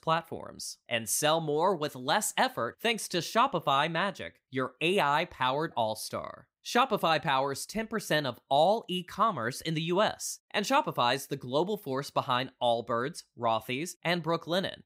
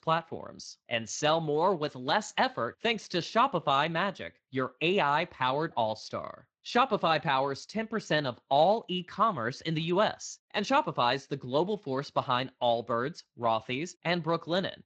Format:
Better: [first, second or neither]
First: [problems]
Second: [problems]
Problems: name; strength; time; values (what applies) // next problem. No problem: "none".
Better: first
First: none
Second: garbled, watery; slightly